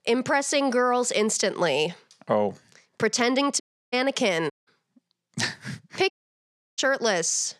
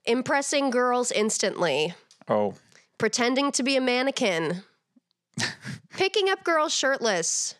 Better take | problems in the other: second | audio cutting out; at 3.5 s, at 4.5 s and at 6 s for 0.5 s

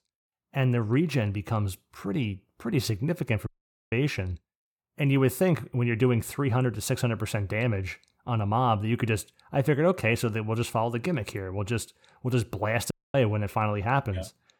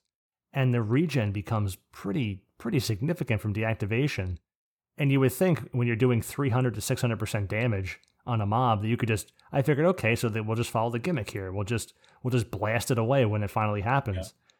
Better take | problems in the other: second | audio cutting out; at 3.5 s and at 13 s

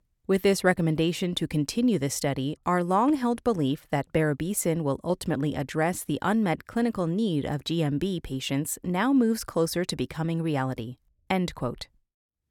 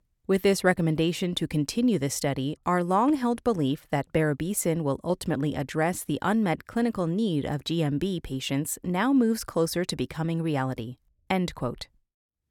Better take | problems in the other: neither | none

